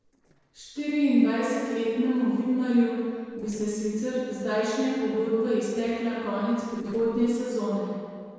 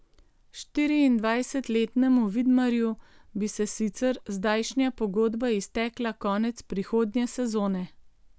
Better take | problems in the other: second | noise reduction (neural separator model SepFormer DNS4)

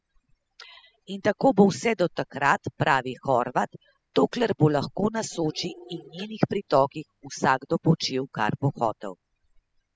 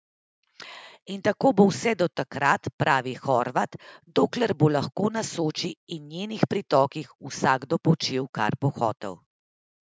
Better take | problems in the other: second | noise reduction (classical method spectral subtraction)

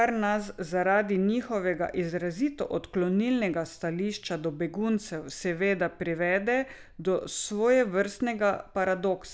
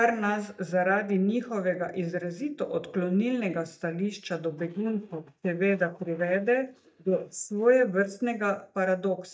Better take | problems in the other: first | noise reduction (neural mask model DeepFilterNet 3)

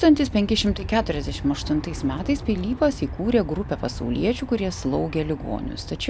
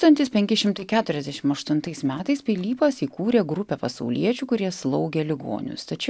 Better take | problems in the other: second | background sound (Aircraft); 10 dB below the speech

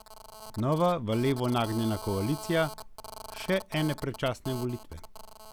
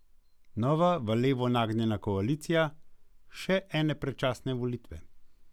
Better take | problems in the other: second | background sound (Telephone); 14 dB below the speech

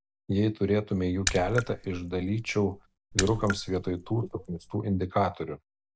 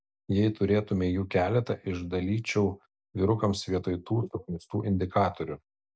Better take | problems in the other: second | background sound (Raindrop / Splash, splatter); 8 dB below the speech

